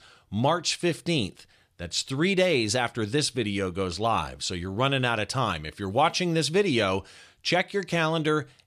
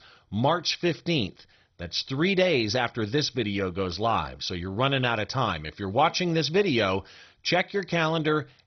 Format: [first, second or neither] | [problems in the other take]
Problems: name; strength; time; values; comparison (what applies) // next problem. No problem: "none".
first | garbled, watery; badly; nothing above 6 kHz